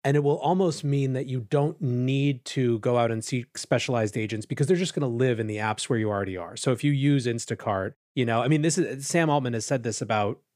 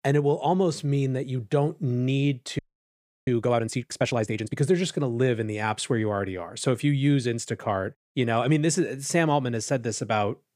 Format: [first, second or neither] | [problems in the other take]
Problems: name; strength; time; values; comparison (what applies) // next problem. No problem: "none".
first | audio freezing; at 2.5 s for 0.5 s